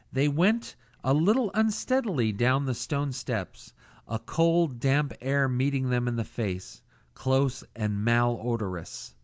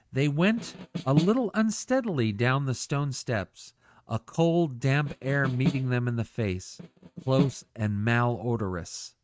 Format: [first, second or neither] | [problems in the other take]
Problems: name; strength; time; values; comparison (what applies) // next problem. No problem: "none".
first | noise reduction (neural mask model RNNoise)